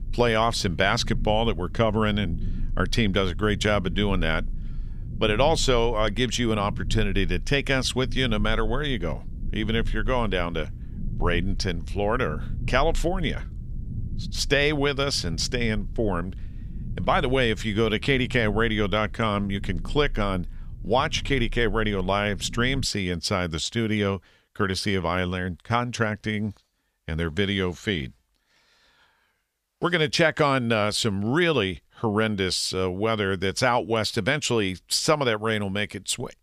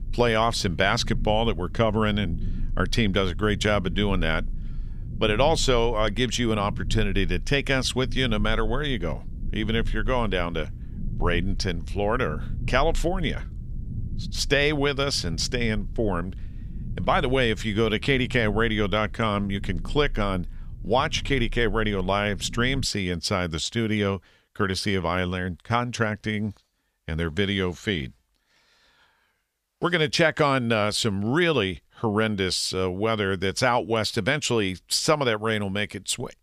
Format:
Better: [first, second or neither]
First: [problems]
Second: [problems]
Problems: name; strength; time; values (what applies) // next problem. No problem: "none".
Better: neither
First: low rumble; faint; until 23 s; 25 dB below the speech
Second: low rumble; faint; until 23 s; 25 dB below the speech